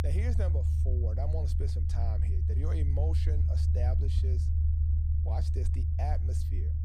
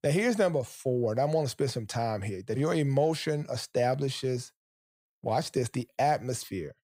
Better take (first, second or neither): second